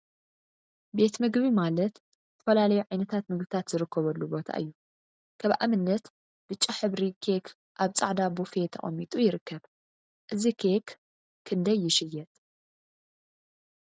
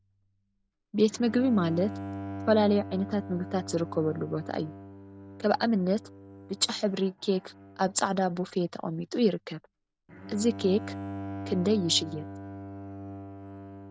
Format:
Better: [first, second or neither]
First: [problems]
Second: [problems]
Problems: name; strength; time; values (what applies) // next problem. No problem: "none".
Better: first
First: none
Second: background sound (Bowed string instrument); 12 dB below the speech